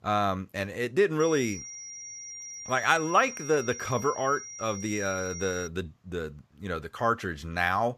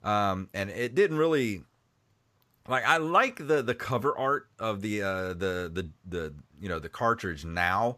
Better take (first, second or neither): second